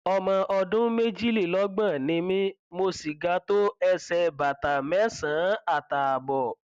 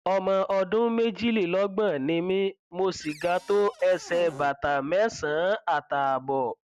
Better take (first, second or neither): first